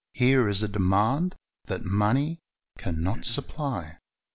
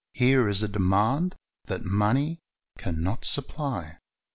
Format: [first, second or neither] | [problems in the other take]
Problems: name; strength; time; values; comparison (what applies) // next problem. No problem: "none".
second | background sound (Cough); 18 dB below the speech